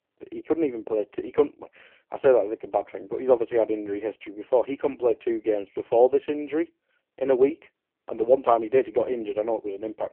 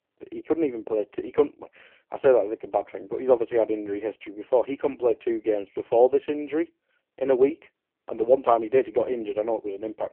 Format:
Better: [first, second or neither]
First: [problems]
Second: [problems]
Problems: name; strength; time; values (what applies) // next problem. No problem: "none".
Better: neither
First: phone-call audio; poor line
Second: phone-call audio; poor line